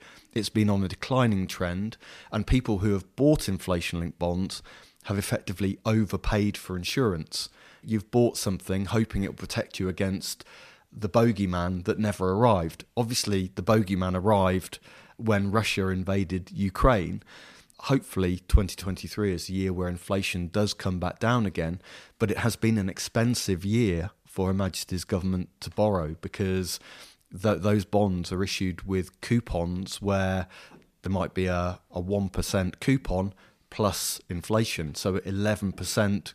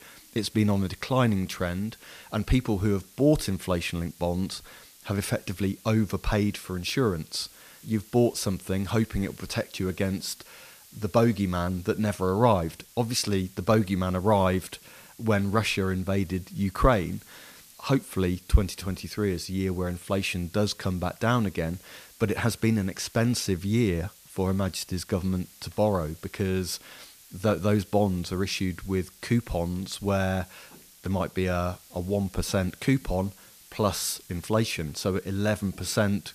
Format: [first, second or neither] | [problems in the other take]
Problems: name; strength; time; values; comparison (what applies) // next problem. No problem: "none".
first | hiss; faint; throughout; 25 dB below the speech